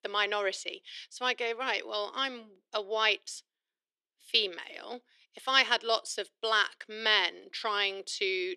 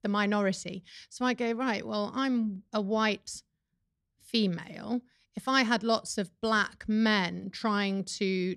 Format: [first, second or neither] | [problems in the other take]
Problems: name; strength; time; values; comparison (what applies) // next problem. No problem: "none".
second | thin; very; fading below 350 Hz